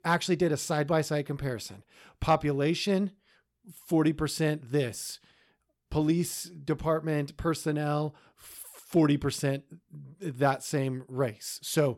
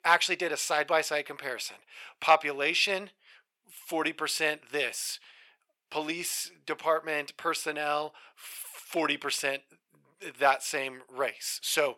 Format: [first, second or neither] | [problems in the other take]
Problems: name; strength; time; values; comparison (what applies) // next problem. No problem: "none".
first | thin; very; fading below 750 Hz